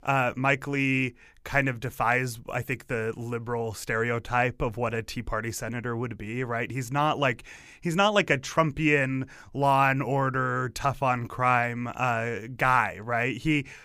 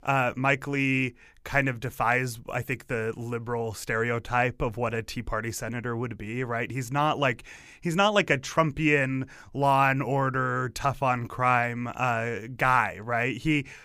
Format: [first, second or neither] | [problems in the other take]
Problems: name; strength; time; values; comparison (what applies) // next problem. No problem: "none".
neither | none